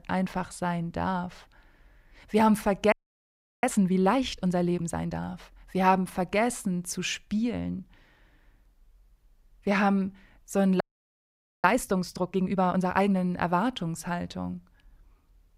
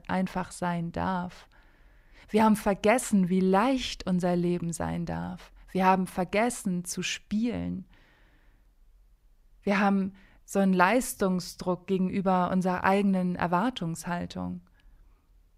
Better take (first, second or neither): second